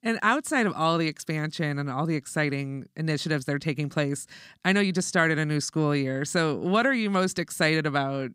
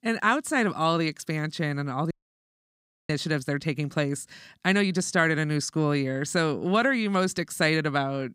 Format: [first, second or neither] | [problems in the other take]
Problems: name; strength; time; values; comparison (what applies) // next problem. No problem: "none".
first | audio cutting out; at 2 s for 1 s